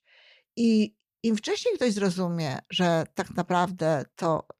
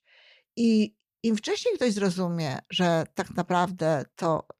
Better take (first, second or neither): neither